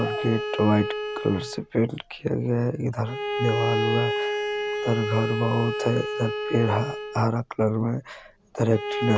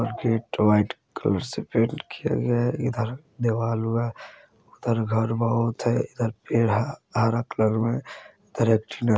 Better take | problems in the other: second | background sound (Bowed string instrument); 4 dB below the speech

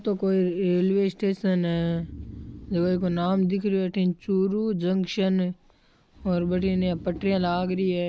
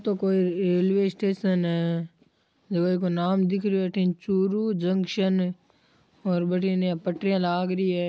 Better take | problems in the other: second | background sound (Breathing); 19 dB below the speech

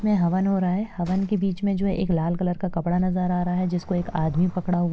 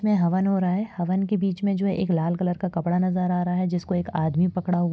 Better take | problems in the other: second | background sound (Sliding door); 12 dB below the speech

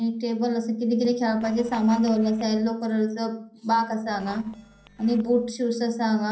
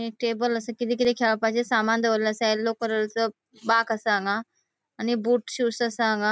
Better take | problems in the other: second | noise reduction (neural separator model SepFormer DNS4)

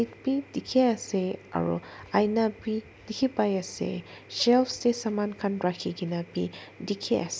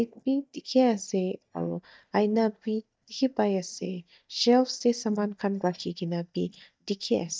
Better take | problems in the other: first | noise reduction (neural mask model DeepFilterNet 3)

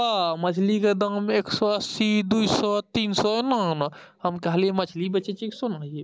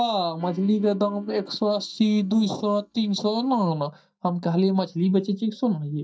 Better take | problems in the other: first | noise reduction (neural mask model DeepFilterNet 3)

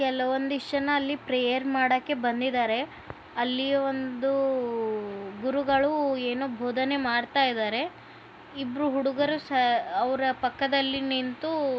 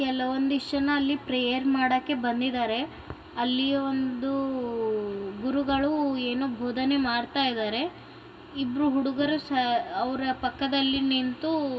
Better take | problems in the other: first | room echo; dies away in 2.5 s

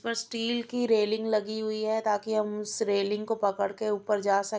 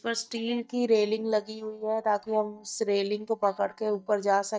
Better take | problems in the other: first | noise reduction (neural mask model DeepFilterNet 3)

